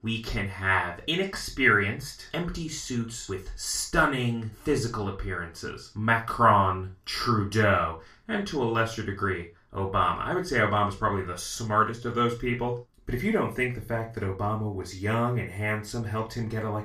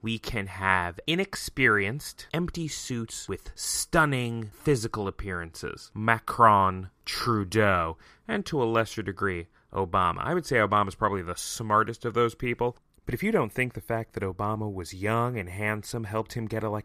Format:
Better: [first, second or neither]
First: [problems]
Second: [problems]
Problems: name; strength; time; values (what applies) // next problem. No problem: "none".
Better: second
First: room echo; slight; dies away in 0.2 s // off-mic speech; far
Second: none